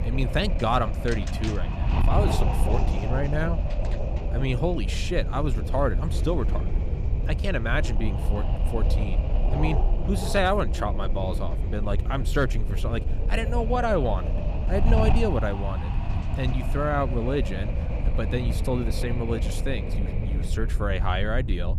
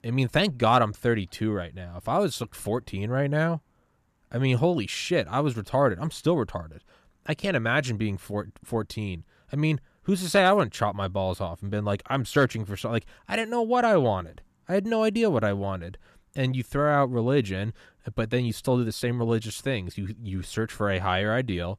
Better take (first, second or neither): second